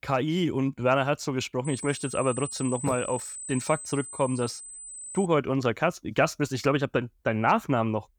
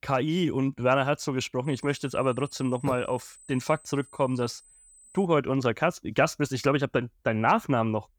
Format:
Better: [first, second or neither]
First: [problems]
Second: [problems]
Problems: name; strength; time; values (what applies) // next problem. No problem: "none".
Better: second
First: high-pitched whine; loud; from 1.5 to 5.5 s; 8 kHz, 10 dB below the speech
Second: high-pitched whine; faint; from 1.5 to 5.5 s; 8 kHz, 25 dB below the speech